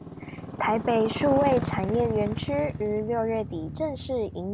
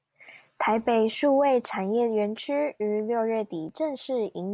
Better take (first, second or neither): second